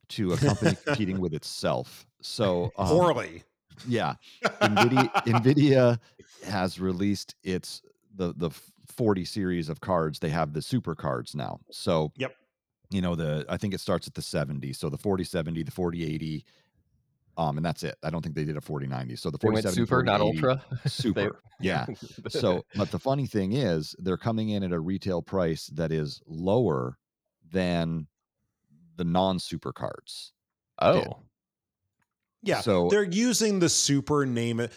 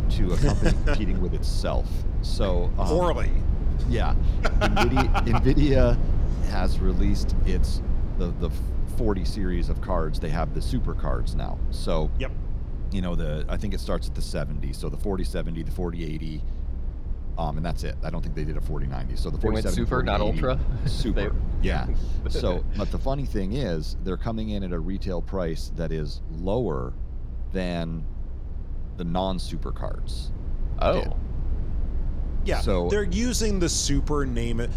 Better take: first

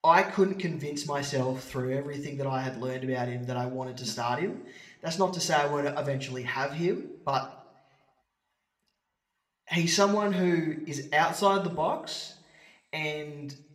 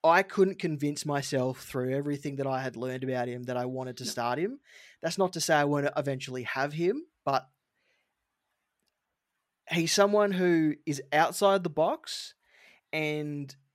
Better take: second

